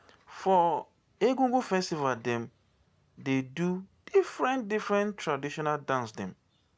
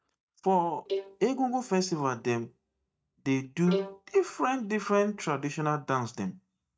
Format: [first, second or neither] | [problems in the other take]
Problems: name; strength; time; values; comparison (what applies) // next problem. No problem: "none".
first | noise reduction (neural mask model DeepFilterNet 3)